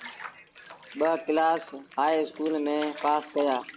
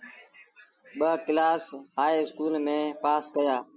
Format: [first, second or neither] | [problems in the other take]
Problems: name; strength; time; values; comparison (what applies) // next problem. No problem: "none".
second | background sound (Bathtub (filling or washing) / Water); 17 dB below the speech